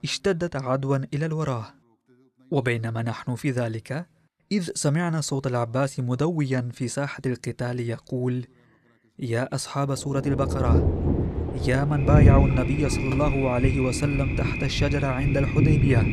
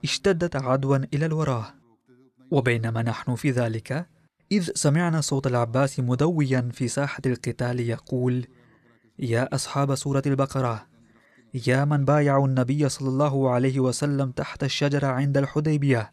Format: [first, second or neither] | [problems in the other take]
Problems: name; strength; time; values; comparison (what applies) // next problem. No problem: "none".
second | rain or running water; very loud; from 10 s on; 2 dB above the speech